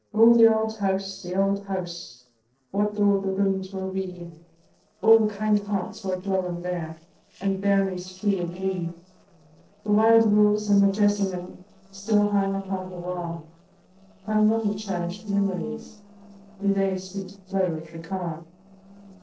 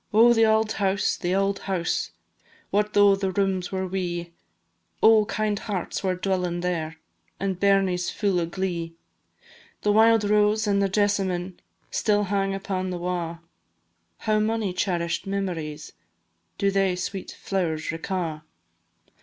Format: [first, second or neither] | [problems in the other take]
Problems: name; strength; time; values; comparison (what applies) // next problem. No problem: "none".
second | noise reduction (neural separator model SepFormer DNS4)